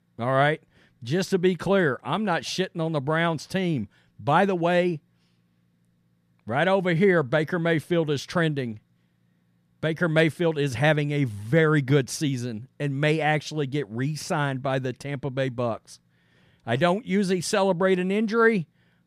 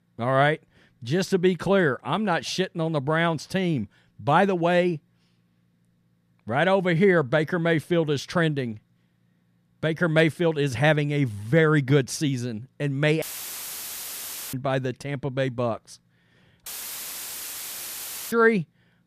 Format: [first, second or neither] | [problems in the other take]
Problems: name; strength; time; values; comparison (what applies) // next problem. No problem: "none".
first | audio cutting out; filled with static; at 13 s for 1.5 s and at 17 s for 1.5 s